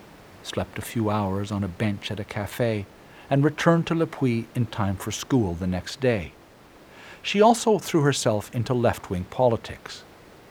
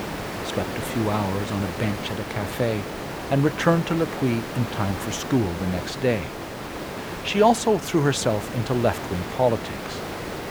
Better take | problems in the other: first | hiss; loud; throughout; 7 dB below the speech; faint in the first

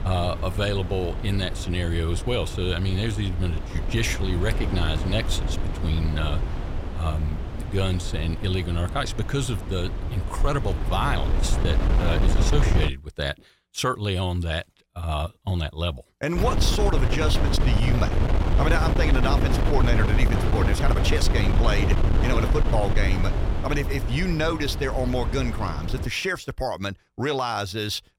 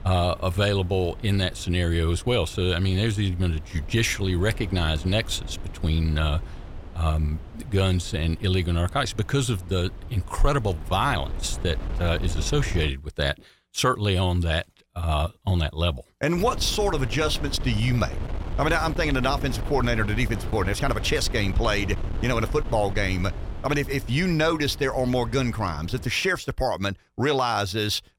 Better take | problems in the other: second | wind noise on the microphone; heavy; until 13 s and from 16 to 26 s; 5 dB below the speech; occasional gusts in the second

